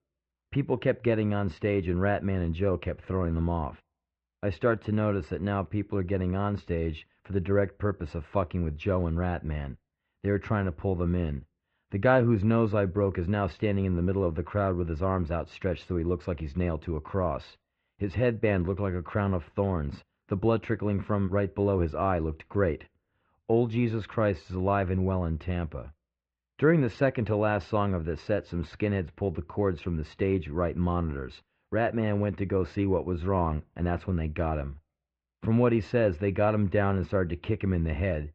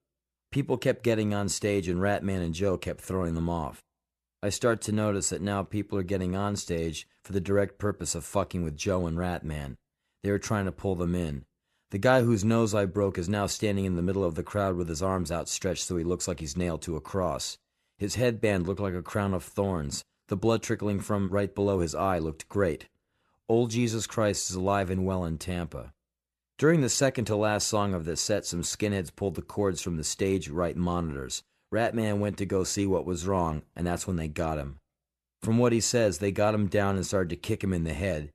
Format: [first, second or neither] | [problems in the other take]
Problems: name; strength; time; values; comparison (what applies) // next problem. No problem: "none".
second | muffled; very; fading above 3 kHz